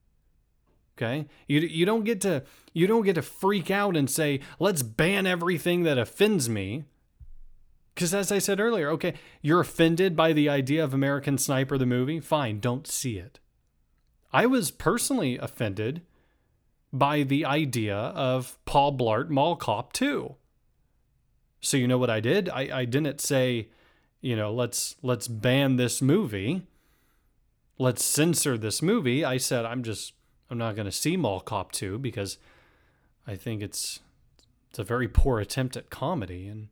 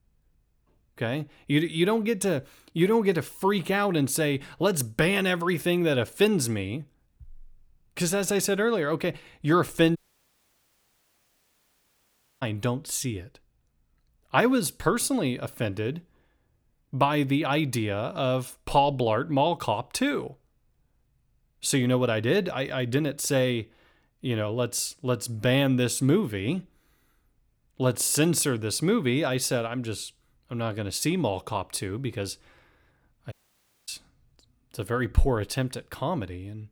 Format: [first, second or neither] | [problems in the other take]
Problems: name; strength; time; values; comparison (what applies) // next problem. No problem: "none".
first | audio cutting out; at 10 s for 2.5 s and at 33 s for 0.5 s